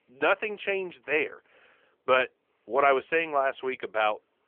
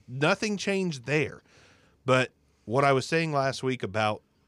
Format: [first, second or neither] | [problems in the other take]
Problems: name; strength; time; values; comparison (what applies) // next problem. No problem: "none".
second | phone-call audio